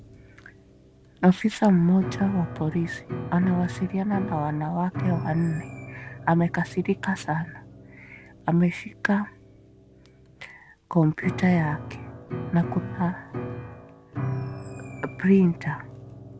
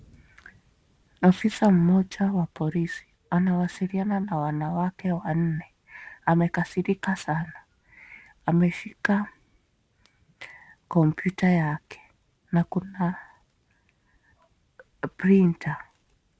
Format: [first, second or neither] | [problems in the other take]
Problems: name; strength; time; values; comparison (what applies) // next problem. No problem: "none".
second | background sound (Piano); 11 dB below the speech